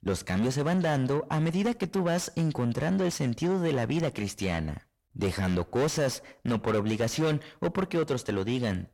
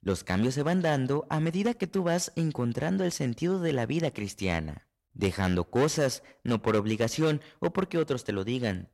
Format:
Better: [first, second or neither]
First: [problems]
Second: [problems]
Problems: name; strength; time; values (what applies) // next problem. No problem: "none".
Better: second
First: distortion; slight; 10 dB below the speech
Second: none